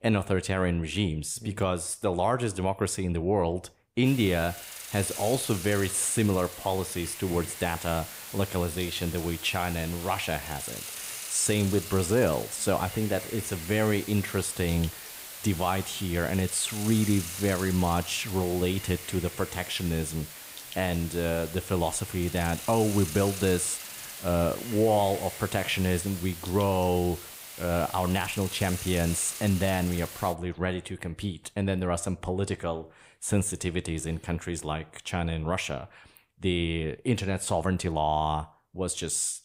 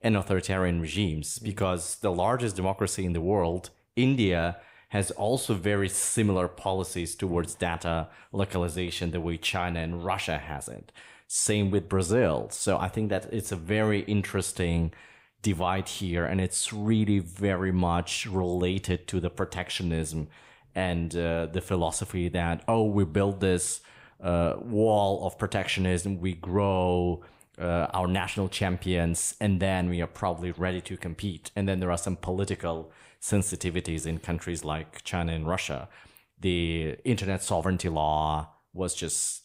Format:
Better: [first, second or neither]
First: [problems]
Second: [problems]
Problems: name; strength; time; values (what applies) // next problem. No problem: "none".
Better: second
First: hiss; loud; from 4 to 30 s; 9 dB below the speech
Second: none